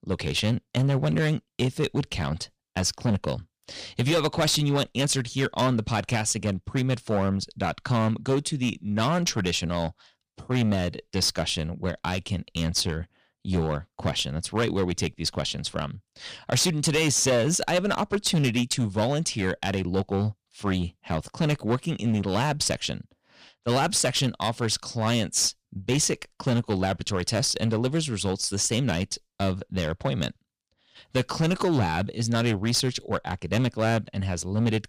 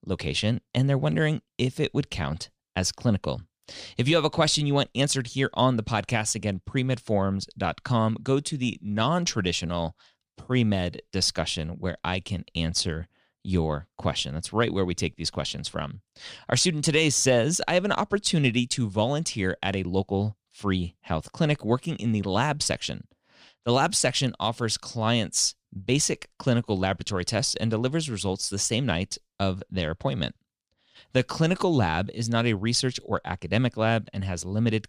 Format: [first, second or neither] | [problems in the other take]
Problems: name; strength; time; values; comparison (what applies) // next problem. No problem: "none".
second | distortion; slight; 7% of the sound clipped